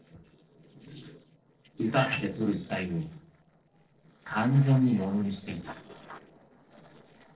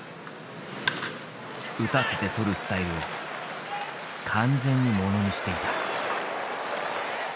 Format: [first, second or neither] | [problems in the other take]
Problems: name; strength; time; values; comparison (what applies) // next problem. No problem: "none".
second | noise reduction (neural separator model SepFormer DNS4)